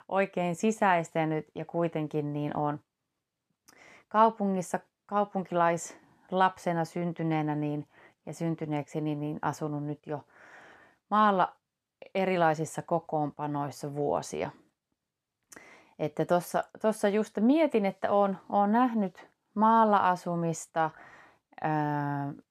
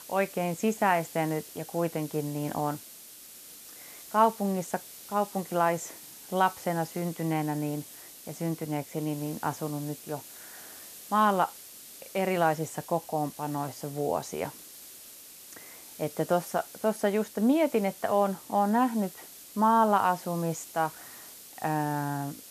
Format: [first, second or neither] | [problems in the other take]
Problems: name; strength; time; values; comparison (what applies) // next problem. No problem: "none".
first | hiss; noticeable; throughout; 15 dB below the speech